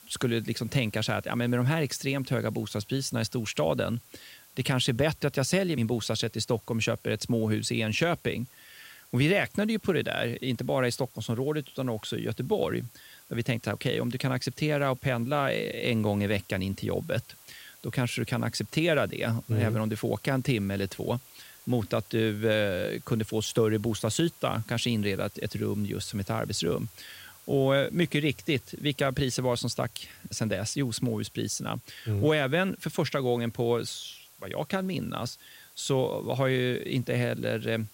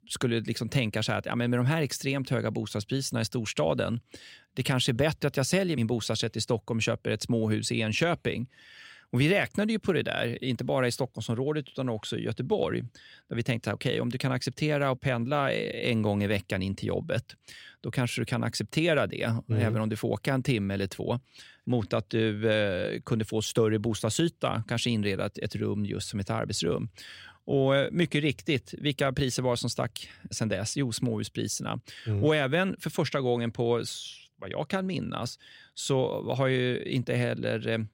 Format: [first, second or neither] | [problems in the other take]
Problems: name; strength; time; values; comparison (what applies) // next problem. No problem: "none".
second | hiss; faint; throughout; 20 dB below the speech